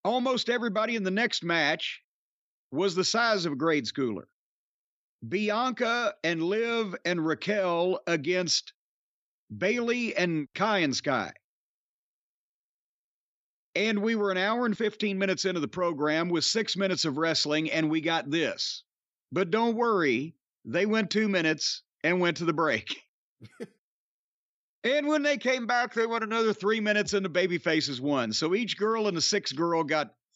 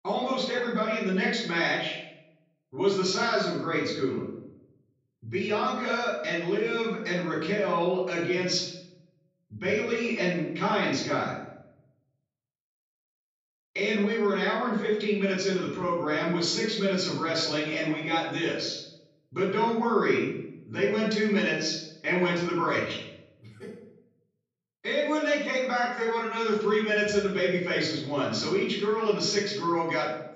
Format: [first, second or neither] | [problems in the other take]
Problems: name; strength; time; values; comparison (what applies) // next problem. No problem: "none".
first | room echo; noticeable; dies away in 0.7 s // off-mic speech; far